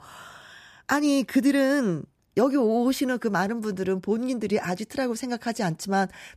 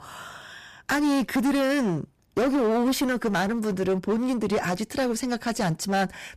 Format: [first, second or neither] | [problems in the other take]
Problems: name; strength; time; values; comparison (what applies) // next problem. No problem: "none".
first | distortion; heavy; 18% of the sound clipped